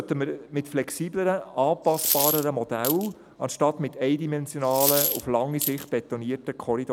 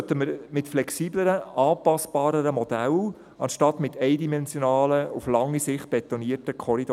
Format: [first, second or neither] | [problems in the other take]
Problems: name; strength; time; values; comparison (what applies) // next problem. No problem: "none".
second | background sound (Coin (dropping)); 3 dB below the speech